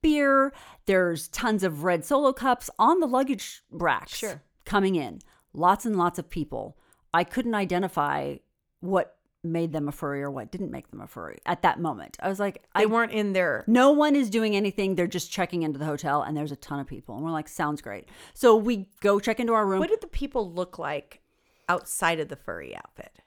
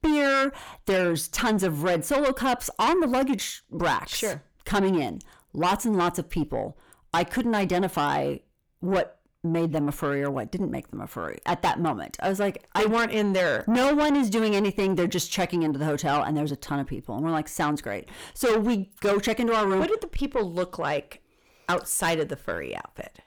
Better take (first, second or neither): first